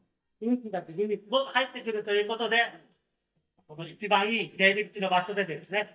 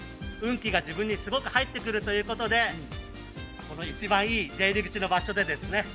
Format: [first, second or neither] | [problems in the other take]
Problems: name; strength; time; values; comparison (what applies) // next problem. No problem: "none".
second | noise reduction (neural mask model DeepFilterNet 3)